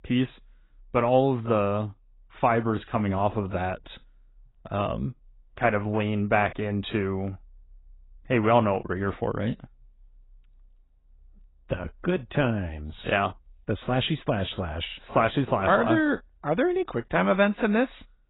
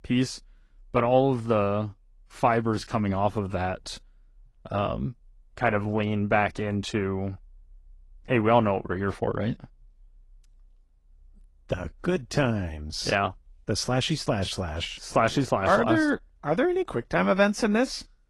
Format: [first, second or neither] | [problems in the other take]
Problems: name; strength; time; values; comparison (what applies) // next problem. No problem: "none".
second | garbled, watery; badly; nothing above 4 kHz; slightly in the second